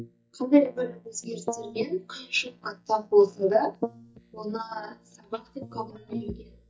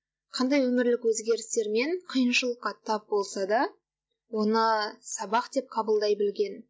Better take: second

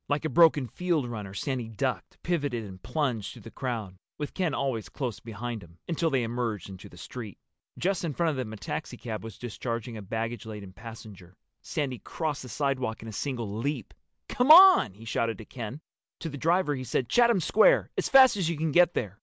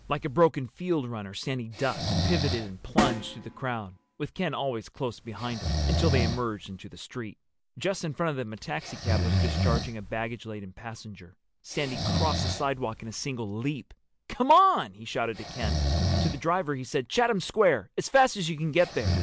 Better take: first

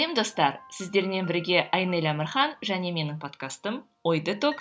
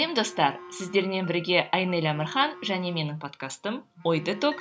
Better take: first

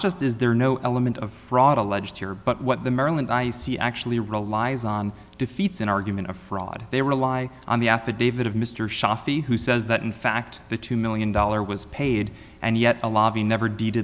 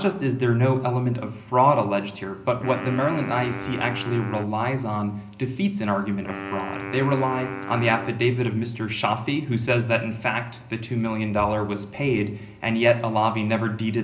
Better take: first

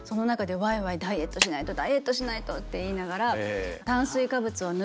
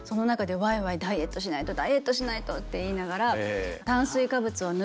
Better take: second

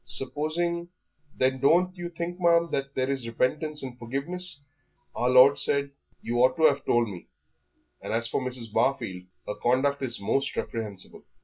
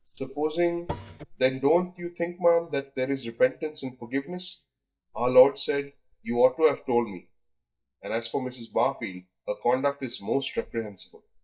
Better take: first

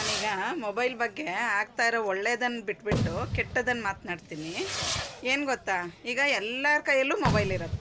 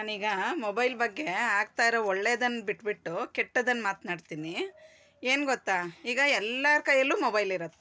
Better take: second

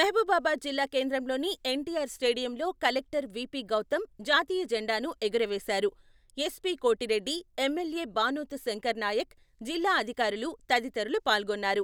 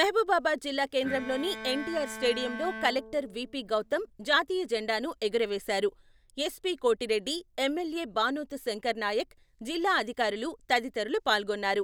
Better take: first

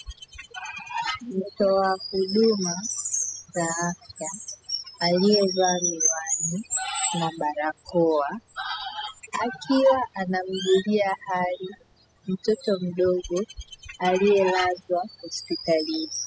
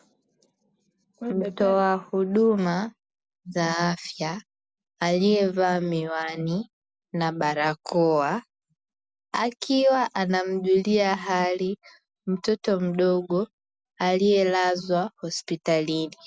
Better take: second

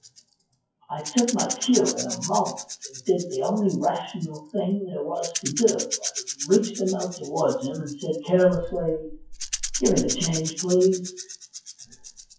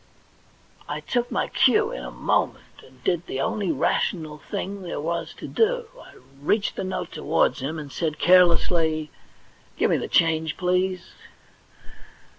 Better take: second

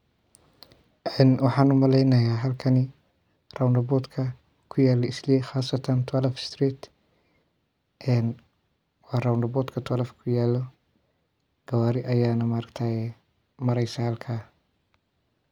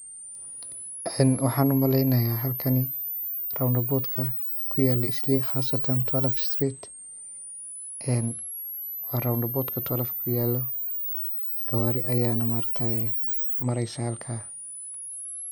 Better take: first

